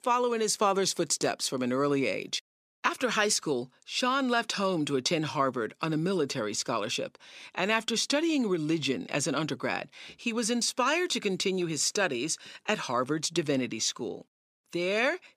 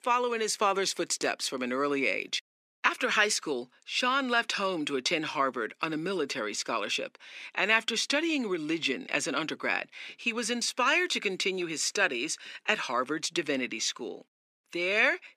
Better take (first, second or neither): first